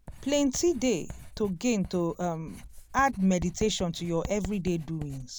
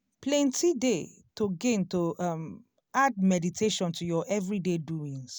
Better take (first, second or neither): second